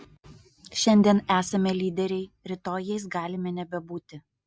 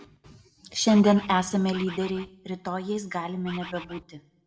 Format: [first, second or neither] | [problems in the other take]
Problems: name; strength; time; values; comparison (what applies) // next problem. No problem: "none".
first | background sound (Bird); 15 dB below the speech // room echo; dies away in 0.6 s